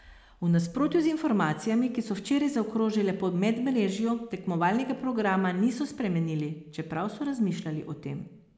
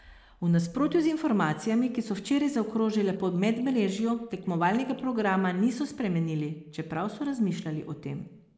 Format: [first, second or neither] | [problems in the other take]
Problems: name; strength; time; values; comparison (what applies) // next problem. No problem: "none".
first | noise reduction (neural mask model Resemble Enhance denoiser)